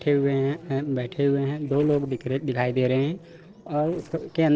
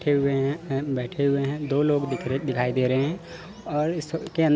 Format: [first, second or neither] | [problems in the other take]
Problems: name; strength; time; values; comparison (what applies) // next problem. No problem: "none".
second | noise reduction (neural separator model SepFormer DNS4)